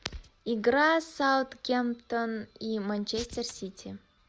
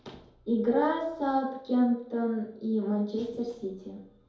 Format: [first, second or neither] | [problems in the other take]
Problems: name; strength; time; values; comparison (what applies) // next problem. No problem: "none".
first | room echo; dies away in 2.3 s